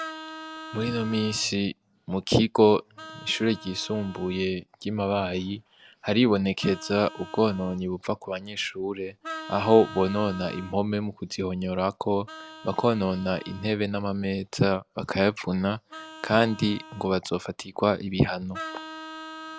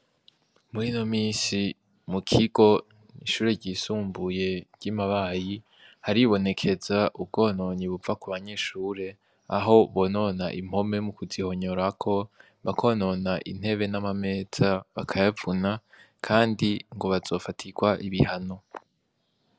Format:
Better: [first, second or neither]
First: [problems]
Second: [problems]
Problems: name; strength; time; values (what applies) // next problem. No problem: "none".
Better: second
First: background sound (Vehicle horn, car horn, honking); 17 dB below the speech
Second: none